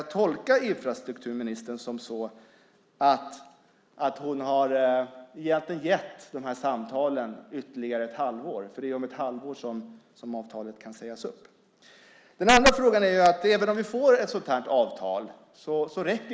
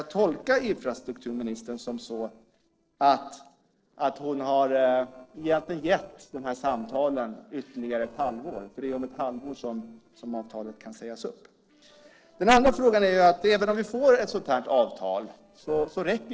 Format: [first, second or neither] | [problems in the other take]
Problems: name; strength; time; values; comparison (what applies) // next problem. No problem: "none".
first | noise reduction (neural separator model SepFormer DNS4)